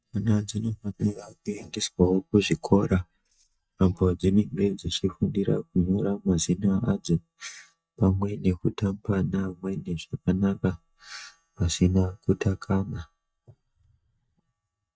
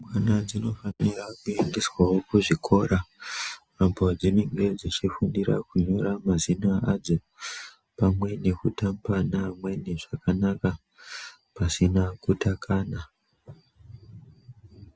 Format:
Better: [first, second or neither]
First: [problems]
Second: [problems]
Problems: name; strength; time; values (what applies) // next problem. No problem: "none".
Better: second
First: noise reduction (neural mask model DeepFilterNet 3)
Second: none